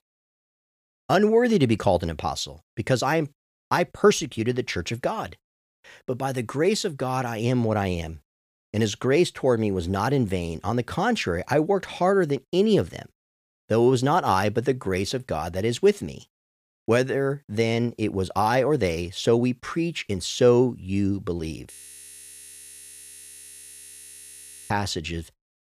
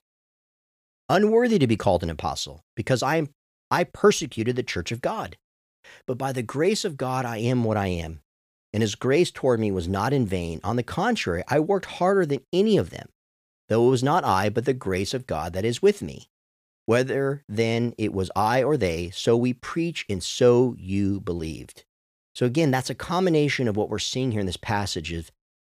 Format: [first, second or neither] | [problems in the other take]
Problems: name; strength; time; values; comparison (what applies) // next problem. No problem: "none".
second | audio freezing; at 22 s for 3 s